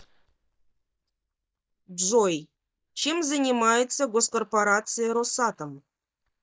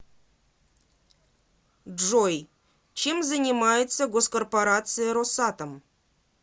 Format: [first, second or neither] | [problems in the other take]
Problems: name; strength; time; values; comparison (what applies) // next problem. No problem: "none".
second | noise reduction (neural mask model DeepFilterNet 3)